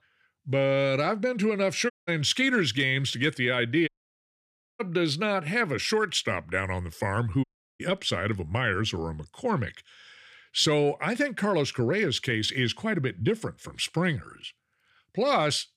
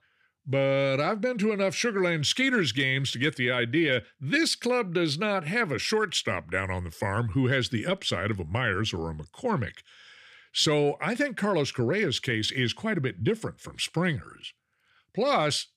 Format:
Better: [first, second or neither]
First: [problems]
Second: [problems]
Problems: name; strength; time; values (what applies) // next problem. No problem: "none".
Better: second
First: audio cutting out; at 2 s, at 4 s for 1 s and at 7.5 s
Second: none